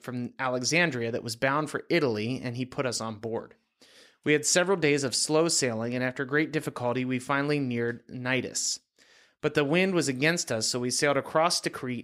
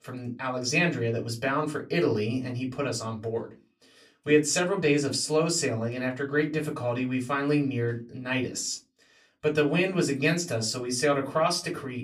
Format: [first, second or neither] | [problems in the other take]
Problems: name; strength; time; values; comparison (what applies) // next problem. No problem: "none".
first | off-mic speech; far // room echo; very slight; dies away in 0.2 s